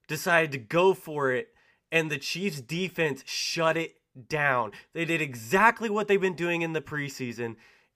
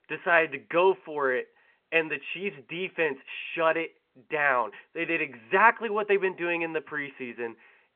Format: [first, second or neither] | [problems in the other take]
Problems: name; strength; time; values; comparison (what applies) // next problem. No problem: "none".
first | phone-call audio